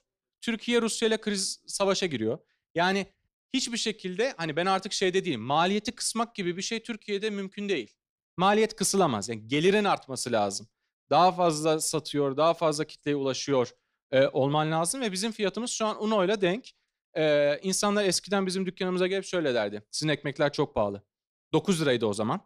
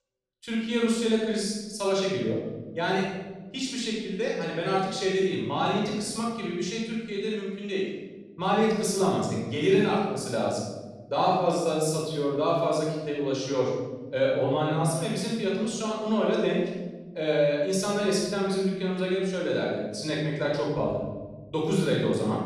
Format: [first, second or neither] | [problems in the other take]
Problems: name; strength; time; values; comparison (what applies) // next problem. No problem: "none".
first | off-mic speech; far // room echo; strong; dies away in 1.5 s